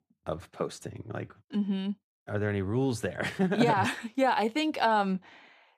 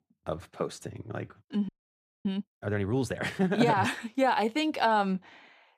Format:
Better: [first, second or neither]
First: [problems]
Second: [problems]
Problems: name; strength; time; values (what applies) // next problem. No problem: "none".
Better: first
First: none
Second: audio freezing; at 1.5 s for 0.5 s